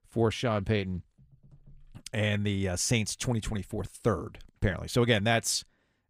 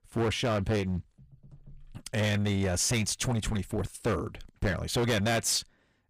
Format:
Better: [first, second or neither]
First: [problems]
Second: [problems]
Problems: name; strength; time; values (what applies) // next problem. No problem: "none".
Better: first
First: none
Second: distortion; heavy; 12% of the sound clipped